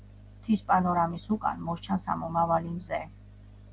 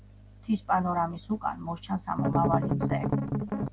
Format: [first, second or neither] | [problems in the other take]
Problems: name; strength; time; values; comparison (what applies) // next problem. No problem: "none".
first | background sound (Strum); 3 dB above the speech